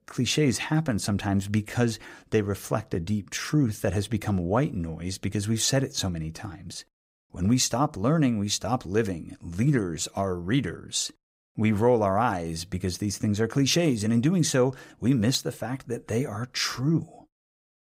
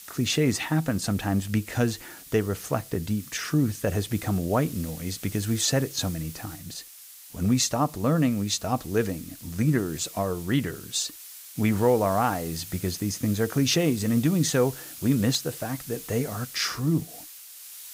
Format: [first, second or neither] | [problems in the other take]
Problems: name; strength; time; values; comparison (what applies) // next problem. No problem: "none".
first | hiss; noticeable; throughout; 15 dB below the speech